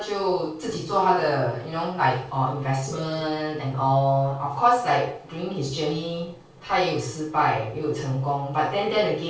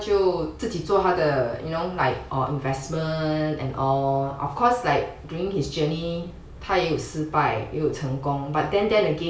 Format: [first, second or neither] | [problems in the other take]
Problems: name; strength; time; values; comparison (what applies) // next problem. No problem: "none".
second | noise reduction (neural separator model SepFormer DNS4)